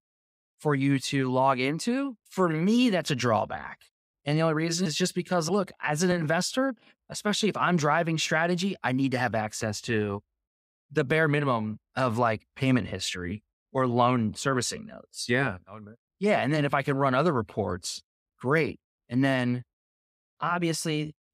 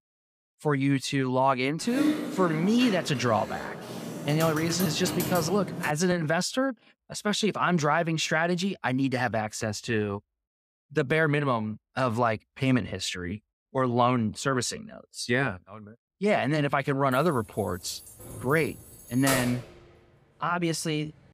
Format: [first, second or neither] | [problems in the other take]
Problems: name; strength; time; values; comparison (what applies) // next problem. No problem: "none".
first | keyboard typing; noticeable; from 2 to 6 s; peak level with the speech // jangling keys; noticeable; from 17 to 20 s; peak 2 dB below the speech